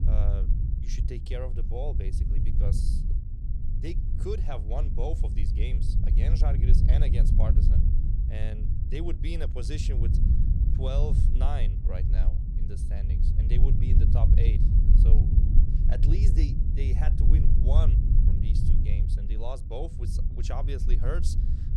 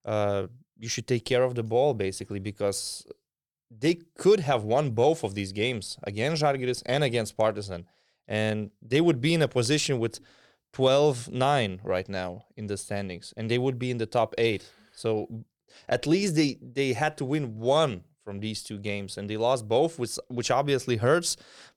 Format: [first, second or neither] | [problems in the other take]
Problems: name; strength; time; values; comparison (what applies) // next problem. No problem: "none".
second | low rumble; loud; throughout; 2 dB below the speech